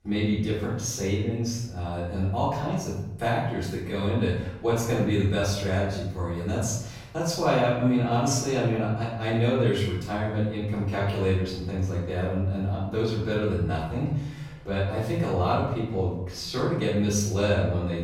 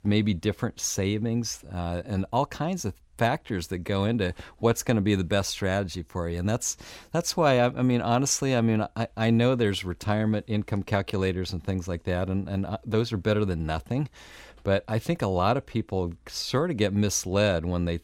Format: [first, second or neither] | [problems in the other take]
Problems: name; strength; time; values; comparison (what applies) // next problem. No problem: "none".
second | off-mic speech; far // room echo; noticeable; dies away in 0.8 s